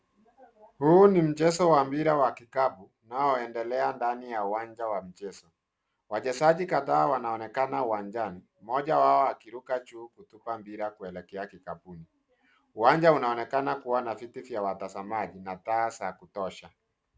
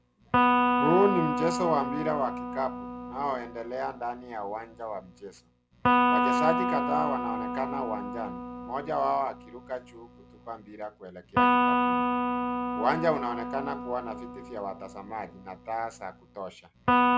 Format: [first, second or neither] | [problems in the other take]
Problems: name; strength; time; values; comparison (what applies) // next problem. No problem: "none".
first | background sound (Electric guitar); 3 dB above the speech